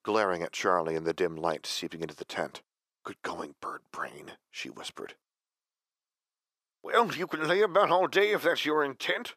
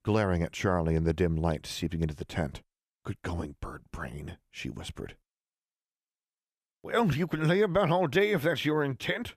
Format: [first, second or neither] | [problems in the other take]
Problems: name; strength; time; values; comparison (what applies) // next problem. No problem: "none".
second | thin; very; fading below 400 Hz